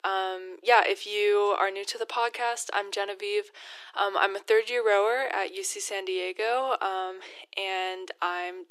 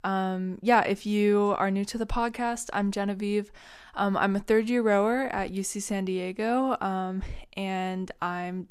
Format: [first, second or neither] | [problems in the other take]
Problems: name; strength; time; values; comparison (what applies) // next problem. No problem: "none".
second | thin; very; fading below 350 Hz